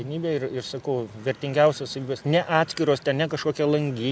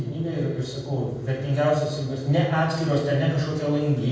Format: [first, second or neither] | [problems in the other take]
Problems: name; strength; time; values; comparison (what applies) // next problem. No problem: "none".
first | room echo; dies away in 1.2 s